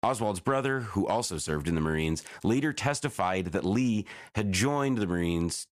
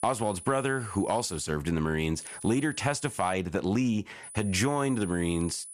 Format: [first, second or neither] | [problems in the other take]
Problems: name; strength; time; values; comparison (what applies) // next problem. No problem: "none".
first | high-pitched whine; noticeable; until 1.5 s, from 2 to 3.5 s and from 4 s on; 10 kHz, 15 dB below the speech